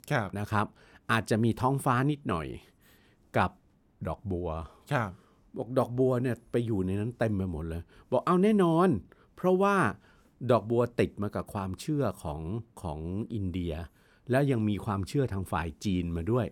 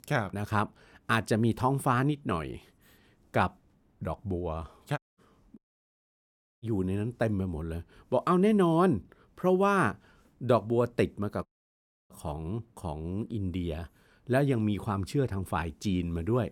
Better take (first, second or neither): first